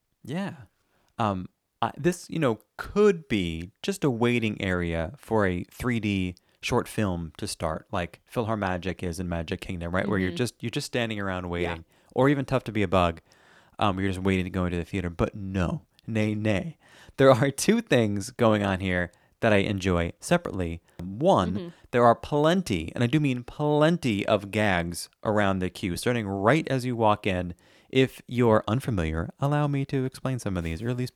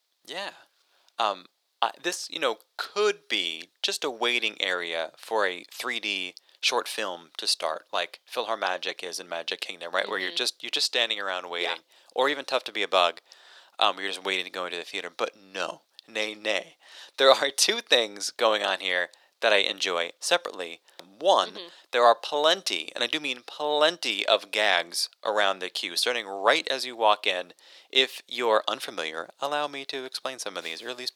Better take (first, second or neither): first